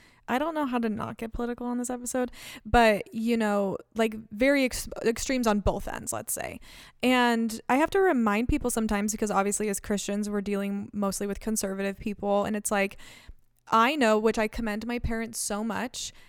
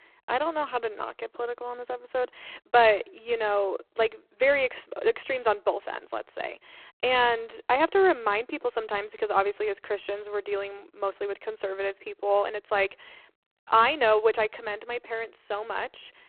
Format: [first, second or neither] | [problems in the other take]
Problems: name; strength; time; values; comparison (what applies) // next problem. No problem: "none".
first | phone-call audio; poor line; nothing above 4 kHz